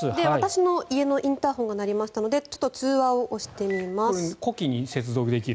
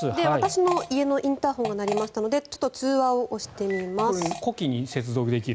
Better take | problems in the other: first | background sound (Fart); 11 dB below the speech

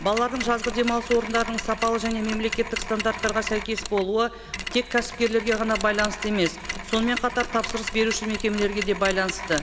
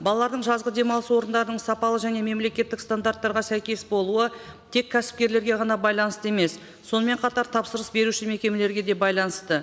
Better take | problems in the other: second | background sound (Mechanisms); 8 dB below the speech

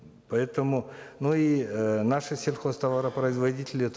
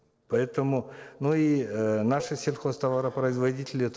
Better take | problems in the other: first | noise reduction (neural separator model SepFormer DNS4)

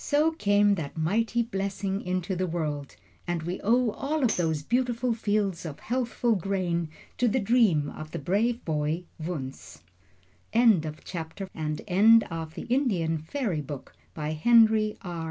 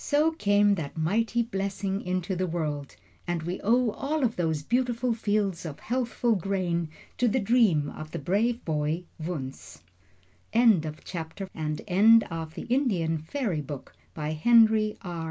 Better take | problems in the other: second | background sound (Tambourine); 15 dB below the speech

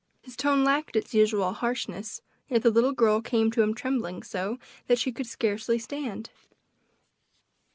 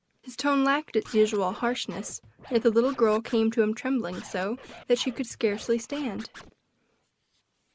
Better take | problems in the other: first | background sound (Scratching (performance technique)); 20 dB below the speech

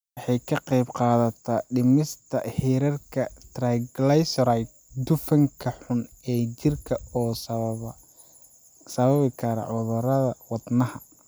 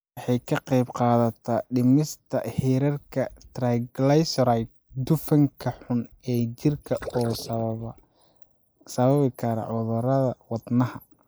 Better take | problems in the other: first | noise reduction (neural mask model Resemble Enhance denoiser)

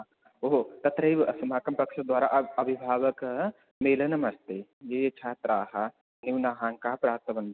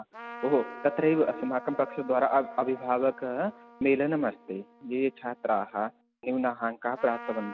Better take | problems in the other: first | background sound (Trumpet); 17 dB below the speech

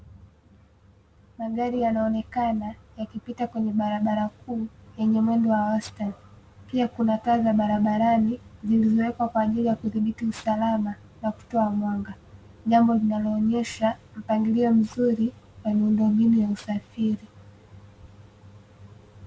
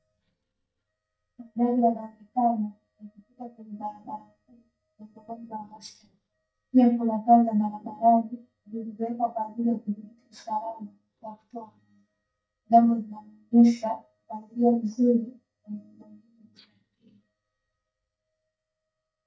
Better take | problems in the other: first | noise reduction (neural mask model DeepFilterNet 3)

